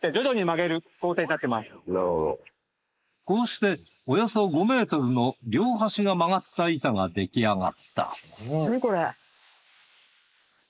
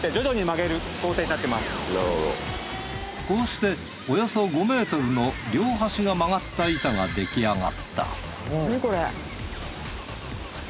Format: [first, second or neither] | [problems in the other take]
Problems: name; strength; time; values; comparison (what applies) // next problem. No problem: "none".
second | noise reduction (neural mask model Resemble Enhance denoiser)